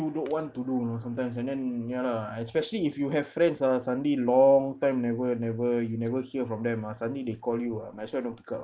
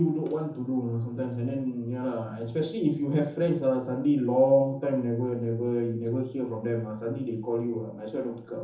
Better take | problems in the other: first | room echo; dies away in 0.7 s

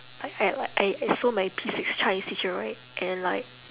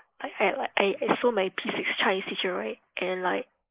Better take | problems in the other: first | noise reduction (neural mask model Resemble Enhance denoiser)

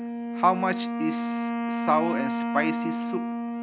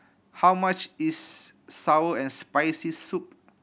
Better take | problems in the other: second | background sound (Wind instrument, woodwind instrument); as loud as the speech

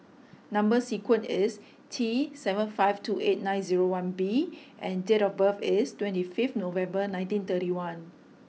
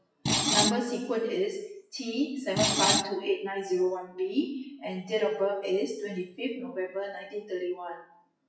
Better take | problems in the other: first | noise reduction (classical method WPE with log-MMSE)

